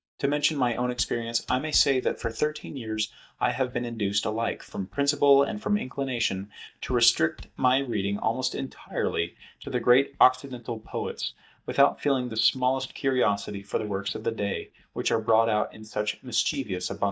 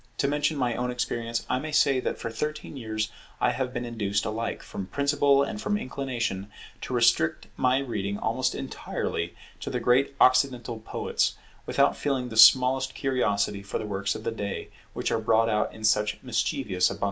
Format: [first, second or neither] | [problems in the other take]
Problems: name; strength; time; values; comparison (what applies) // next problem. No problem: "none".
second | noise reduction (neural mask model DeepFilterNet 3)